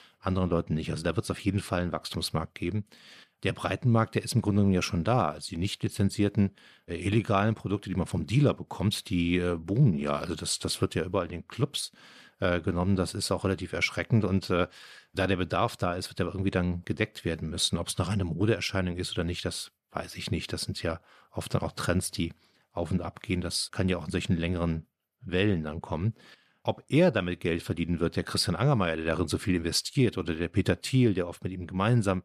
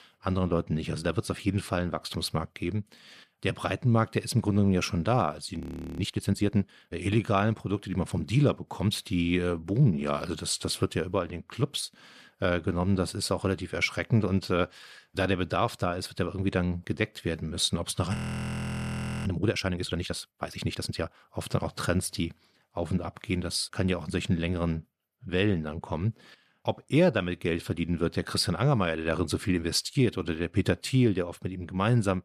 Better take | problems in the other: first | audio freezing; at 5.5 s and at 18 s for 1 s

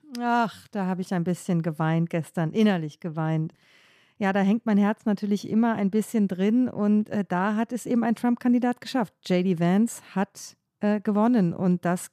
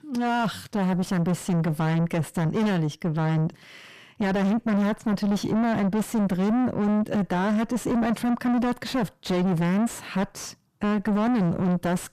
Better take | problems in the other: first | distortion; heavy; 5 dB below the speech

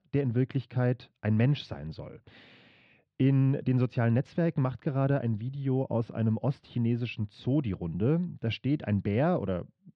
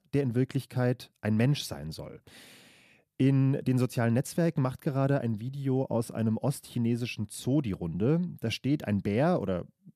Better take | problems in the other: second | muffled; slightly; fading above 3.5 kHz

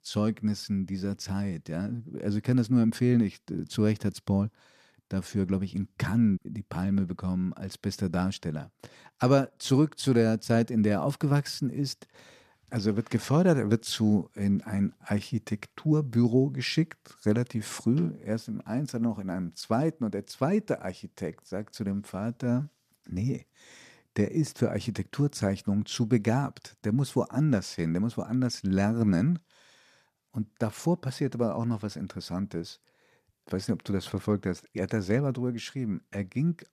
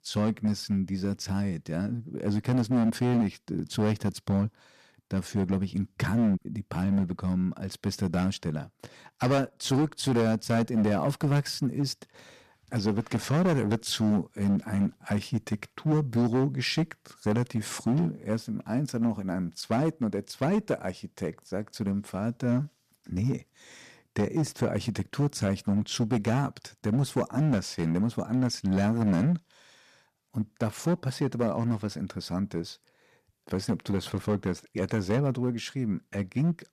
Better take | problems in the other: first | distortion; slight; 7% of the sound clipped

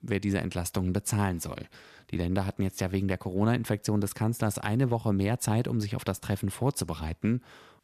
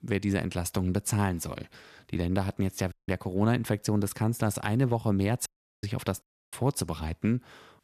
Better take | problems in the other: first | audio cutting out; at 3 s, at 5.5 s and at 6 s

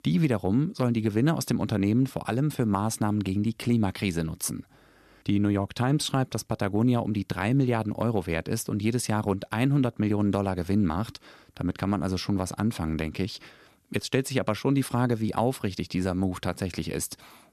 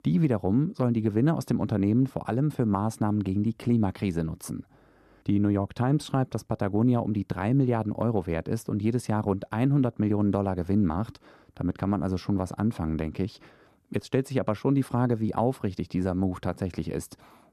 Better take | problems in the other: first | muffled; slightly; fading above 1.5 kHz

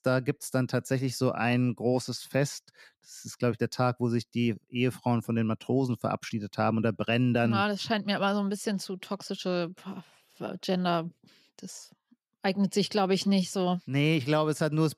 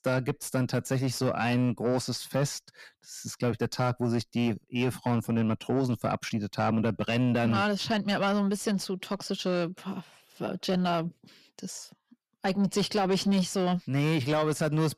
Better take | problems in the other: first | distortion; slight; 10 dB below the speech

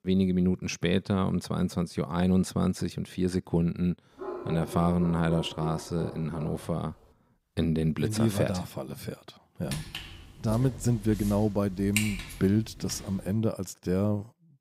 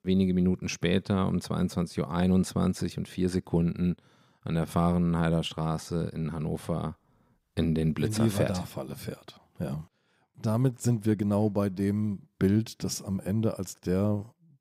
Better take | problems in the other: second | dog barking; noticeable; from 4 to 6.5 s; peak 8 dB below the speech // footsteps; noticeable; from 9.5 to 12 s; peak 2 dB below the speech

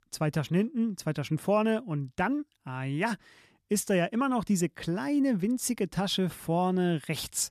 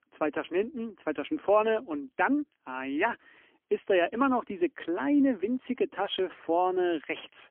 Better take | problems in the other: first | phone-call audio; poor line; nothing above 3.5 kHz

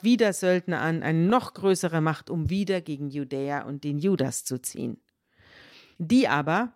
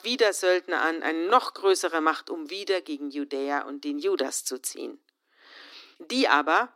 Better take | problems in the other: first | thin; somewhat; fading below 300 Hz

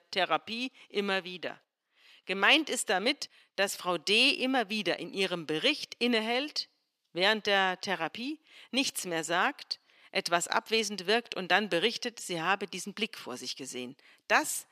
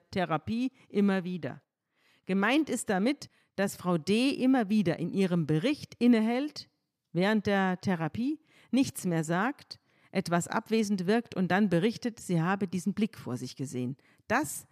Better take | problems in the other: second | thin; somewhat; fading below 450 Hz

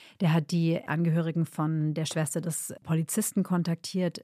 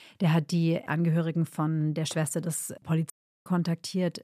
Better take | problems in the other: first | audio cutting out; at 3 s

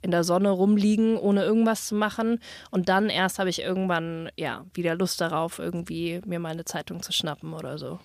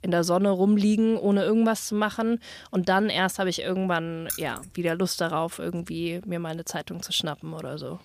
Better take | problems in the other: first | jangling keys; noticeable; at 4.5 s; peak 7 dB below the speech

